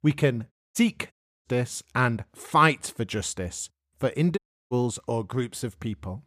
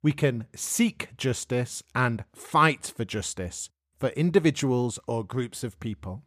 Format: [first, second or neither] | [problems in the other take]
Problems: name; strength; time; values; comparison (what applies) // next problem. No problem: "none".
second | audio cutting out; at 0.5 s, at 1 s and at 4.5 s